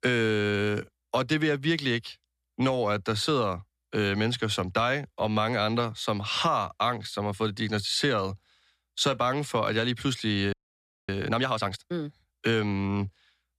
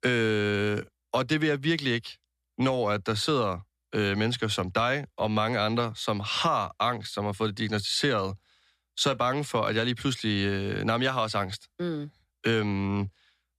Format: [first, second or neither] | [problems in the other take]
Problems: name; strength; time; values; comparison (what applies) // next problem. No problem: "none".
second | audio freezing; at 11 s for 0.5 s